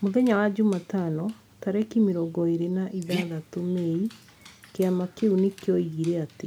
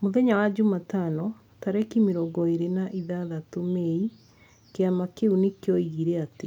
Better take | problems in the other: second | background sound (Dog); 18 dB below the speech

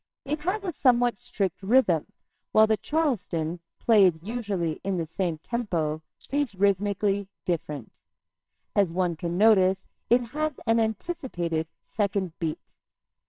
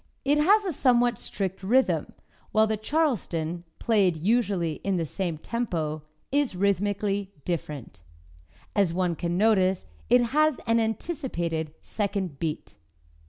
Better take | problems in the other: second | noise reduction (neural separator model SepFormer WHAMR!)

